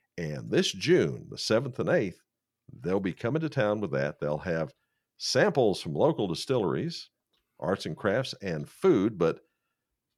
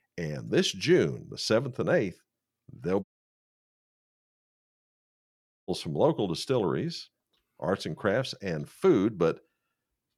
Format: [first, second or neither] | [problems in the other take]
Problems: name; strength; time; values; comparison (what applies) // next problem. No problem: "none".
first | audio cutting out; at 3 s for 2.5 s